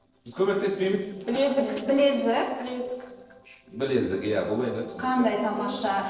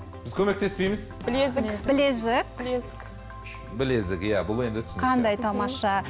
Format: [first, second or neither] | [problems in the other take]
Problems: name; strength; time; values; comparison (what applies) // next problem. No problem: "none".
second | noise reduction (neural separator model SepFormer DNS4)